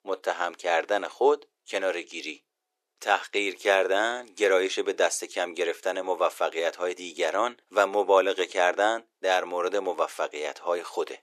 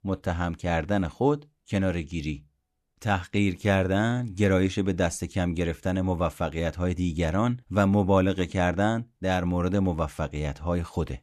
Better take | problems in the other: second | thin; very; fading below 400 Hz

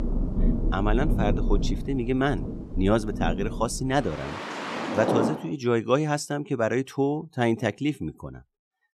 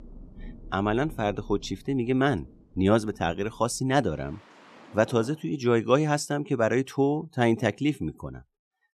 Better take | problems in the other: second | rain or running water; loud; until 5 s; 3 dB below the speech; faint in the second

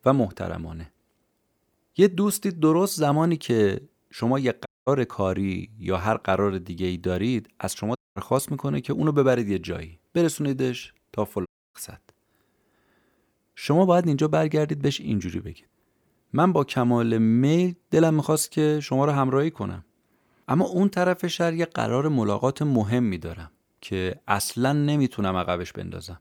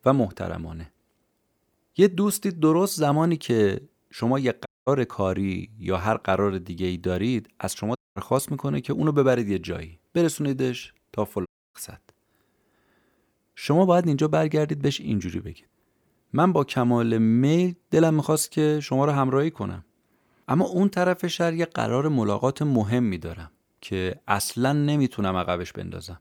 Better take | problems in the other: neither | audio cutting out; at 4.5 s, at 8 s and at 11 s; the same in both

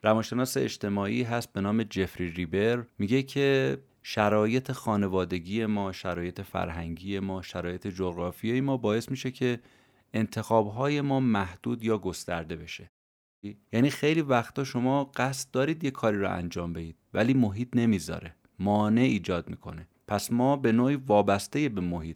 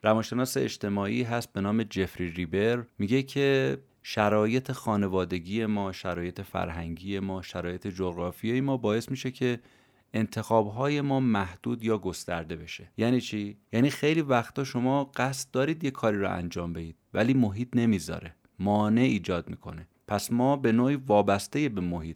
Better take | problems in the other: second | audio cutting out; at 13 s for 0.5 s

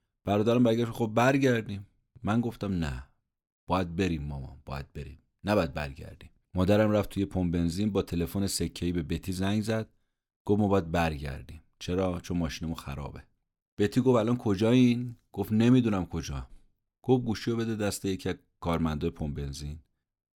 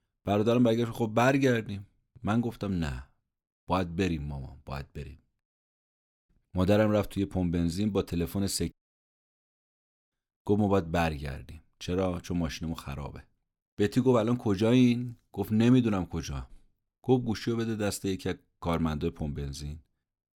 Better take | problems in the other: first | audio cutting out; at 5.5 s for 1 s and at 8.5 s for 1.5 s

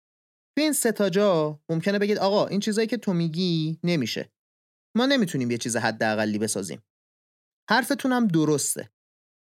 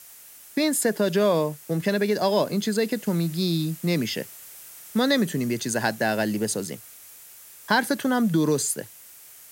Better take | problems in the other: first | hiss; noticeable; throughout; 20 dB below the speech

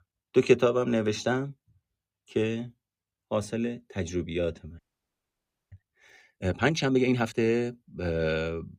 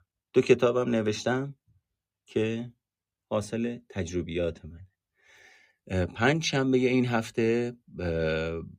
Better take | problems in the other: second | audio freezing; at 5 s for 1 s

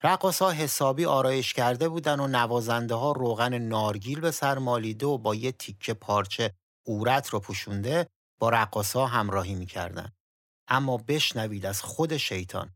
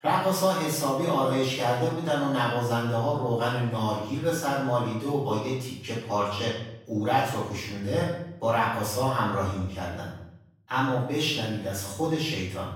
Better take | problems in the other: first | off-mic speech; far // room echo; noticeable; dies away in 0.7 s

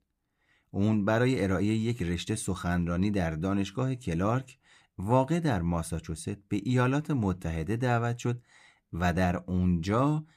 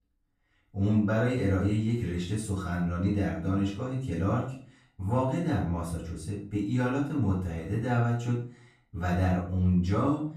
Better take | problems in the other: first | room echo; noticeable; dies away in 0.4 s // off-mic speech; far

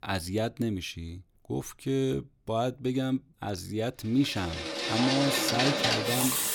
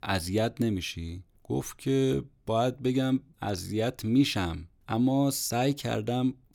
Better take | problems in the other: second | household noises; very loud; from 5 s on; 3 dB above the speech

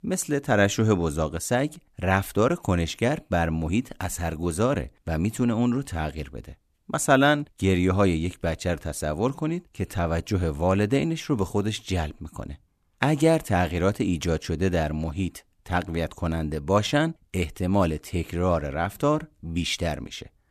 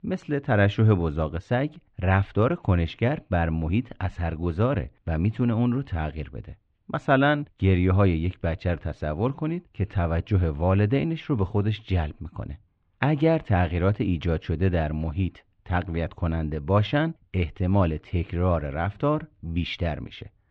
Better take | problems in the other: first | muffled; very; fading above 3.5 kHz

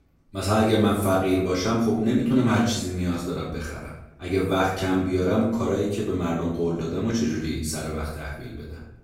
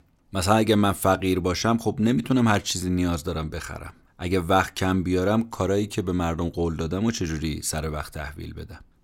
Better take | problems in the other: second | off-mic speech; far // room echo; noticeable; dies away in 0.7 s

